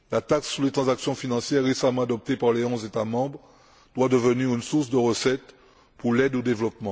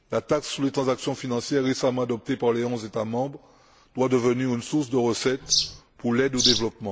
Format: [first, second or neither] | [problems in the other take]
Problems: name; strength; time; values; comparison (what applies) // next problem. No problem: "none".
first | background sound (Bird vocalization, bird call, bird song); 1 dB below the speech